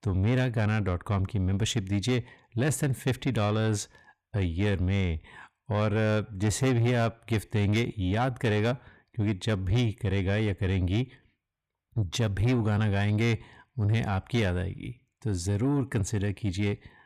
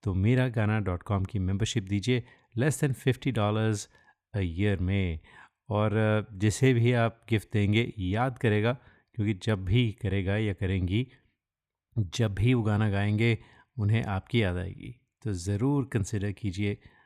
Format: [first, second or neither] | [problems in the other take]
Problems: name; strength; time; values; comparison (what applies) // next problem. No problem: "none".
second | distortion; slight; 10 dB below the speech